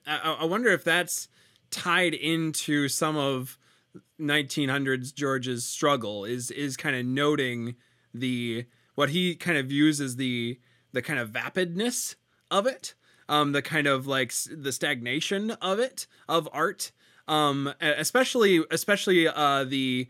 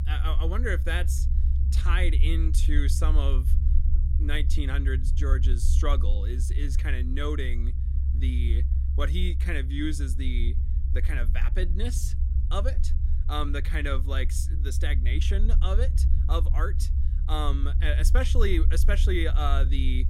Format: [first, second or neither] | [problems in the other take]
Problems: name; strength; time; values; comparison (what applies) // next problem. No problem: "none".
first | low rumble; noticeable; throughout; 10 dB below the speech